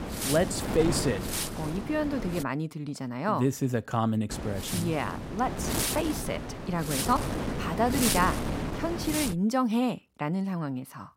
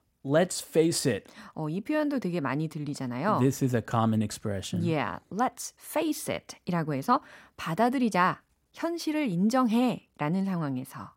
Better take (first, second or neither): second